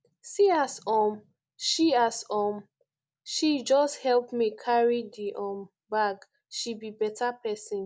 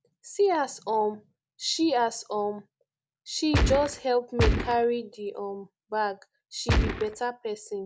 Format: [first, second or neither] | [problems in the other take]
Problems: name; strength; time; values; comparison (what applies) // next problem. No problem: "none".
first | background sound (Gunshot, gunfire); 4 dB above the speech